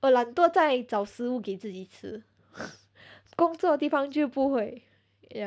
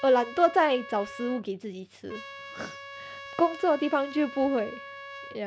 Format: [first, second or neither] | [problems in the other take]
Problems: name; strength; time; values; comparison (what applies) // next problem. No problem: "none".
first | background sound (Trumpet); 15 dB below the speech